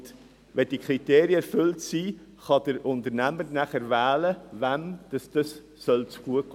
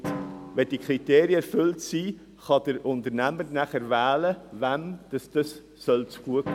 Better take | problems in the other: first | background sound (Drum); 16 dB below the speech

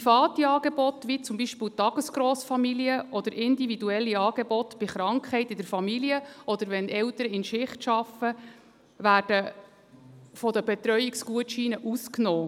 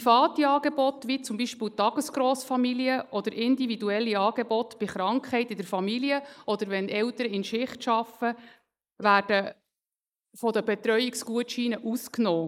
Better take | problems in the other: first | noise reduction (neural mask model Resemble Enhance denoiser)

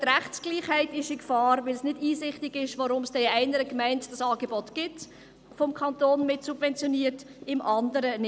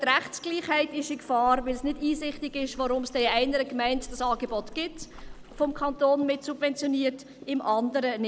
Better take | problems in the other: first | background sound (Splash, splatter); 14 dB below the speech

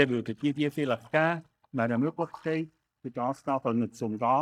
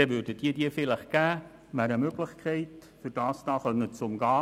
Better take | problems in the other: second | noise reduction (neural mask model DeepFilterNet 3)

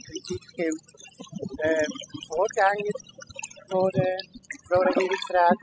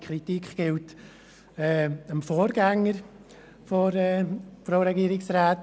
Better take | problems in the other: second | noise reduction (classical method spectral subtraction)

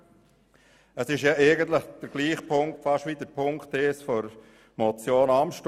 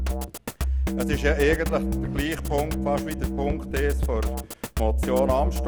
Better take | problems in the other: first | background sound (Drum kit); 2 dB above the speech

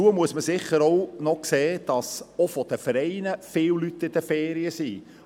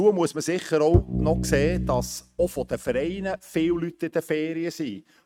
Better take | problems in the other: first | noise reduction (neural mask model RNNoise)

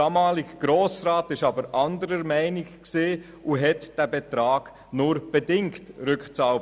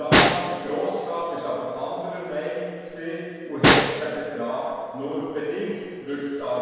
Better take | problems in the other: first | background sound (Snare drum); 2 dB above the speech // room echo; dies away in 1.9 s

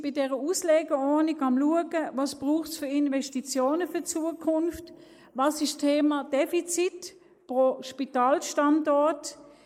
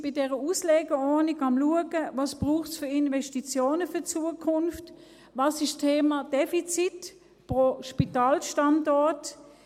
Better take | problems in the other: second | noise reduction (neural mask model Resemble Enhance denoiser)

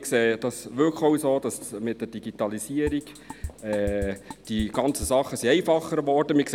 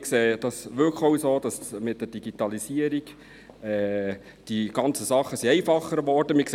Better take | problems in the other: second | background sound (Drum kit); 12 dB below the speech

